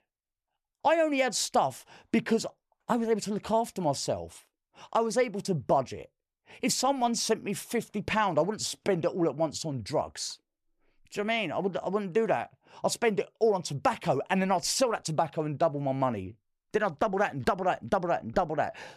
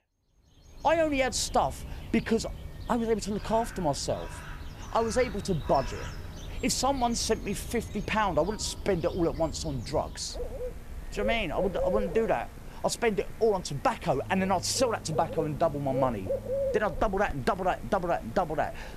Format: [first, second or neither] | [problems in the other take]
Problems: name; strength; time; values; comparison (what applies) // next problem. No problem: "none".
first | animal sounds; loud; throughout; 10 dB below the speech